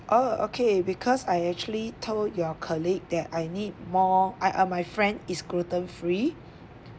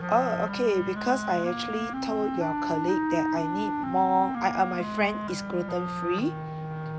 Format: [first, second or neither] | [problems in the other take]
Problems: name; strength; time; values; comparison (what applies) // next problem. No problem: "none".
first | background sound (Wind instrument, woodwind instrument); 3 dB below the speech